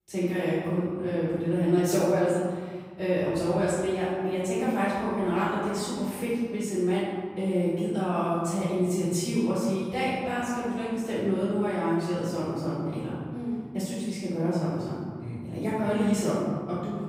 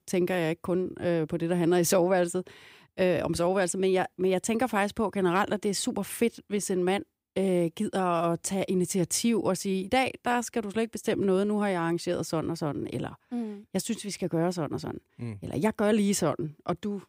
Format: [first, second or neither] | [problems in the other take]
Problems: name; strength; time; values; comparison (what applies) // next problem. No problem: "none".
second | off-mic speech; far // room echo; strong; dies away in 1.9 s